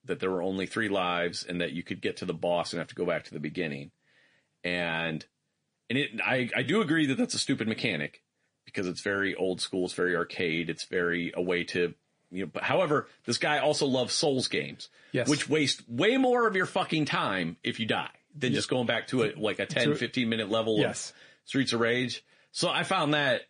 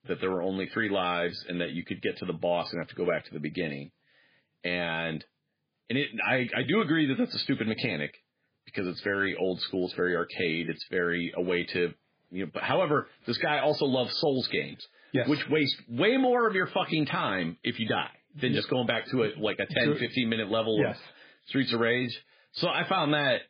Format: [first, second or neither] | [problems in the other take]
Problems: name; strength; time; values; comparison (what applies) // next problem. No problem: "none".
first | garbled, watery; badly; nothing above 4.5 kHz; slightly in the first